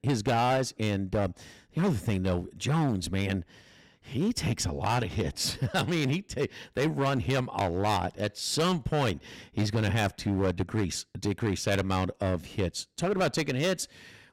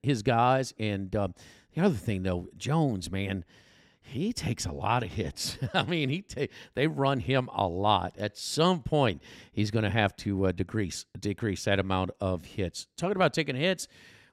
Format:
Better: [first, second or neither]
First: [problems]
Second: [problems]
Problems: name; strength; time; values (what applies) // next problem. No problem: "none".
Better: second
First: distortion; heavy; 9% of the sound clipped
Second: none